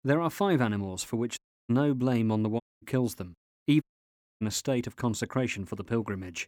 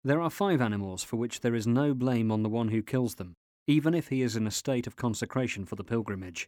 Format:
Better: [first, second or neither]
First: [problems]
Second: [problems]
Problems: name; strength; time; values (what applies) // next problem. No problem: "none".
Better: second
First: audio cutting out; at 1.5 s, at 2.5 s and at 4 s for 0.5 s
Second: none